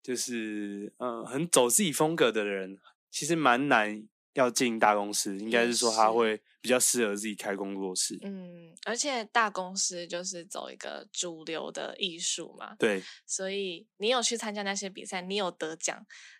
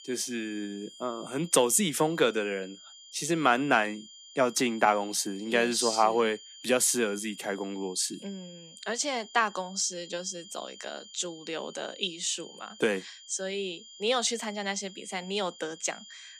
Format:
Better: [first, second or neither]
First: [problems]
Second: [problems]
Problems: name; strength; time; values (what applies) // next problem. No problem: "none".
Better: first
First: none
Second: high-pitched whine; noticeable; throughout; 3 kHz, 20 dB below the speech